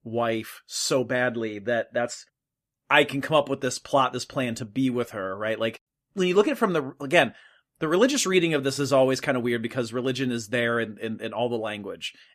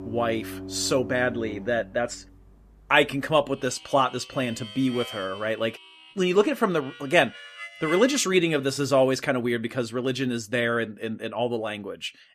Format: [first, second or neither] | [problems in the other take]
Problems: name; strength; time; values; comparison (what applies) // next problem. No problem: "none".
first | background music; noticeable; until 8.5 s; 15 dB below the speech